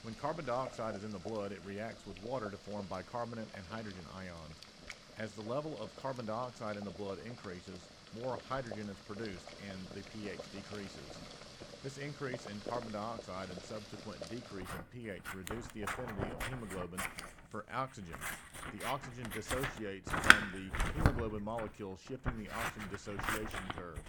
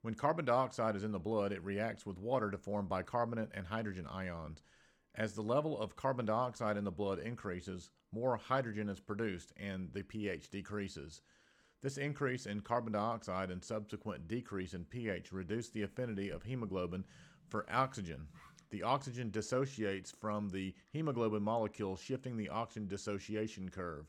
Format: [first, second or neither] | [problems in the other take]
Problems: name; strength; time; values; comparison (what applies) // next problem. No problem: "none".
second | household noises; very loud; throughout; 5 dB above the speech